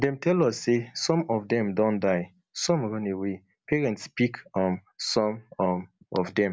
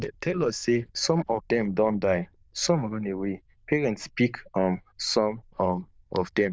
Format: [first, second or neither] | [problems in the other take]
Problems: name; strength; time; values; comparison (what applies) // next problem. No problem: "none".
first | noise reduction (neural diffusion model UNIVERSE++)